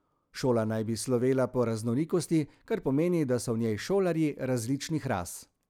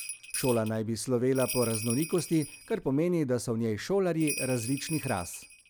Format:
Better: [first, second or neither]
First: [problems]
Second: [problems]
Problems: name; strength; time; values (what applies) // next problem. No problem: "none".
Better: first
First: none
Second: background sound (Bell); 11 dB below the speech